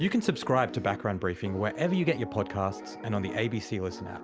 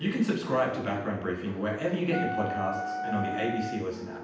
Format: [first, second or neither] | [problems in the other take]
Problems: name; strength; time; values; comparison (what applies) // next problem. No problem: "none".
first | background sound (Wind instrument, woodwind instrument); 5 dB below the speech // room echo; dies away in 0.9 s